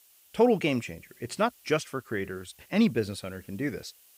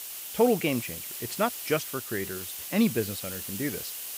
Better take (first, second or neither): first